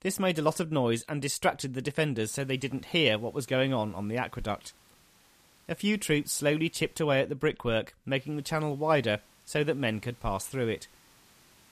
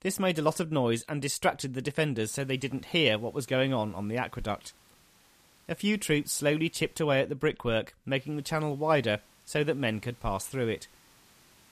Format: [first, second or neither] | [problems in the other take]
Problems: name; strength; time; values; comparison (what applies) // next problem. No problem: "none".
neither | hiss; faint; from 2 to 7 s and from 8 s on; 30 dB below the speech; the same in both